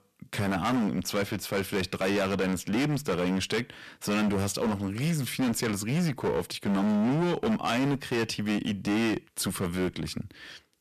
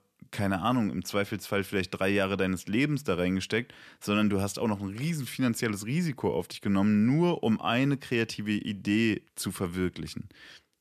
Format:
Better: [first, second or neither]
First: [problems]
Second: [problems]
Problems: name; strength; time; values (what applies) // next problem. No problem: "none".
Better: second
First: distortion; heavy; 19% of the sound clipped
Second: none